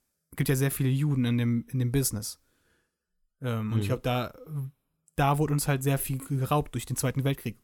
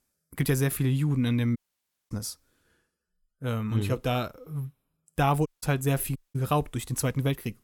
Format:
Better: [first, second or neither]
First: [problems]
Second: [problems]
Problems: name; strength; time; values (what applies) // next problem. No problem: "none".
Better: first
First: none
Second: audio cutting out; at 1.5 s for 0.5 s, at 5.5 s and at 6 s